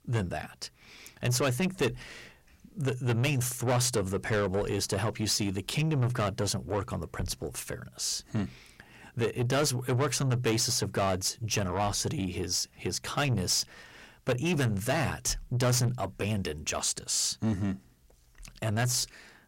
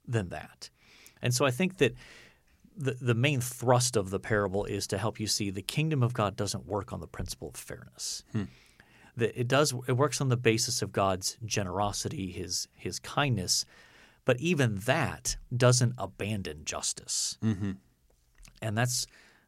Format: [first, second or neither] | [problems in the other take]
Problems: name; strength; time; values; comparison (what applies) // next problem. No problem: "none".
second | distortion; heavy; 7 dB below the speech